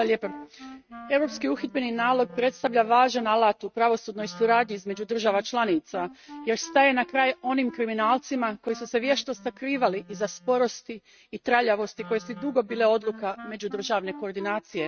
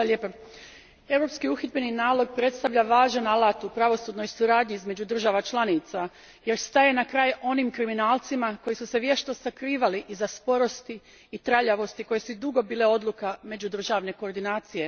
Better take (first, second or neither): second